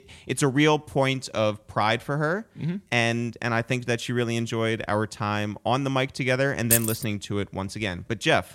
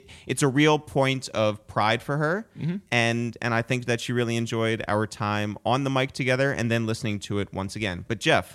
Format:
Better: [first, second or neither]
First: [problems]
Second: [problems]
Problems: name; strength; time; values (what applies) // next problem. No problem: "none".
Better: second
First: jangling keys; loud; at 6.5 s; peak 3 dB above the speech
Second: none